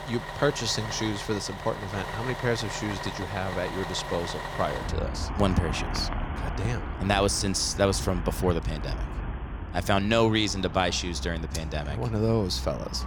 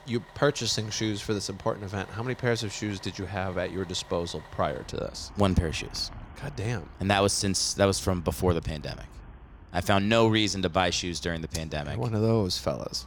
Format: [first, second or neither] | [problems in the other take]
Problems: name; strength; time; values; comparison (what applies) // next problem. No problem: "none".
second | traffic noise; loud; throughout; 7 dB below the speech; faint in the second